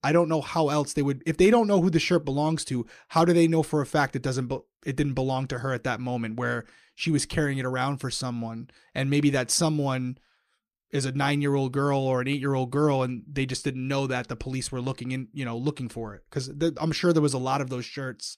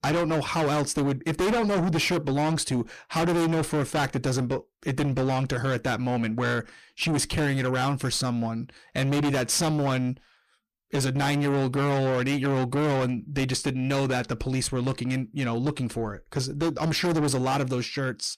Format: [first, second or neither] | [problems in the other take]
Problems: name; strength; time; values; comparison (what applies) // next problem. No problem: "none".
first | distortion; heavy; 6 dB below the speech